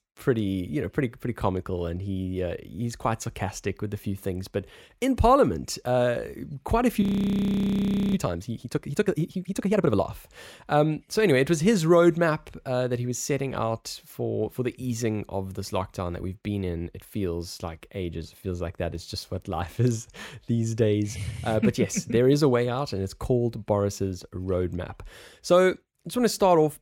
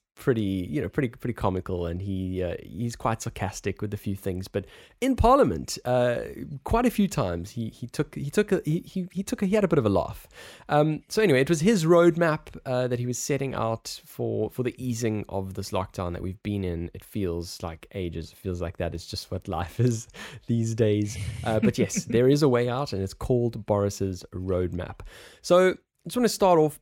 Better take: second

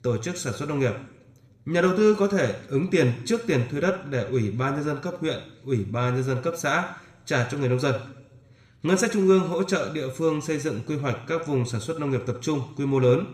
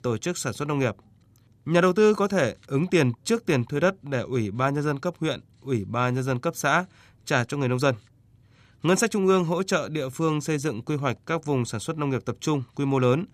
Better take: second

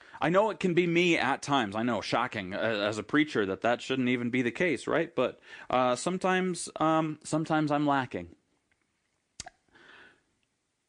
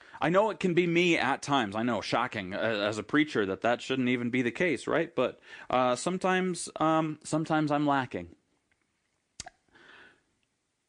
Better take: neither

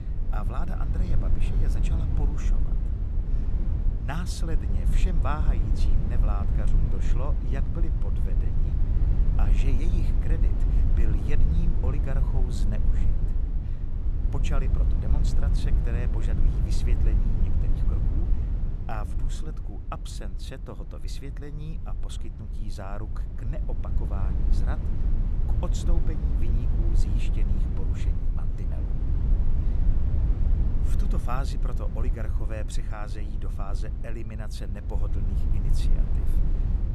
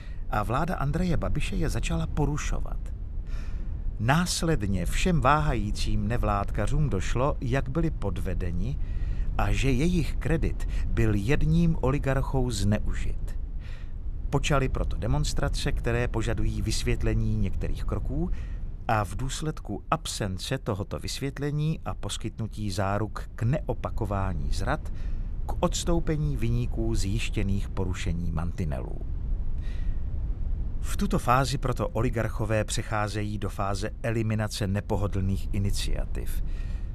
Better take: second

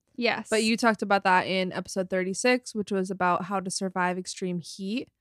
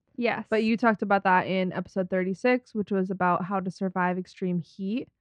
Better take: first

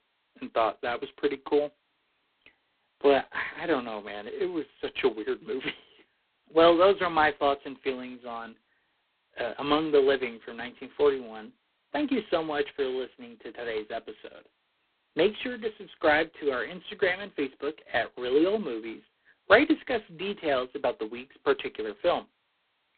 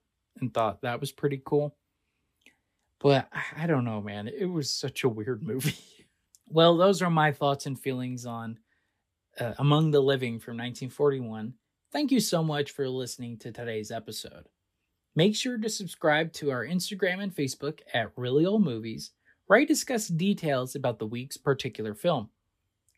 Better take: second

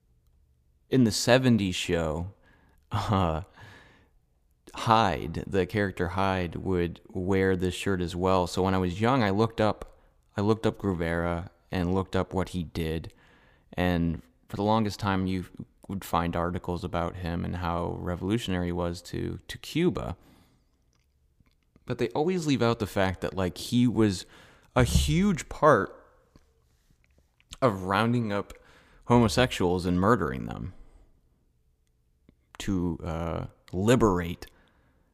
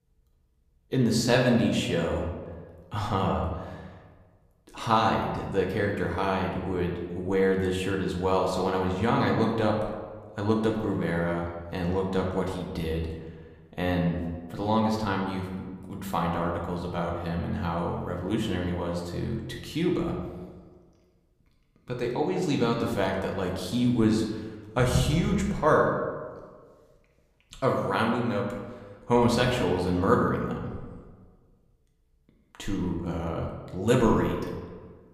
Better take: first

